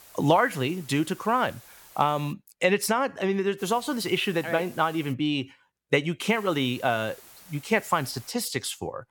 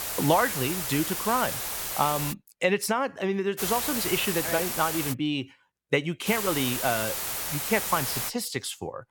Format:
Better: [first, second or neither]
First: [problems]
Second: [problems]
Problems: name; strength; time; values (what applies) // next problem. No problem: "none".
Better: first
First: hiss; faint; until 2.5 s, from 3.5 to 5 s and from 6.5 to 8.5 s; 20 dB below the speech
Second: hiss; loud; until 2.5 s, from 3.5 to 5 s and from 6.5 to 8.5 s; 2 dB below the speech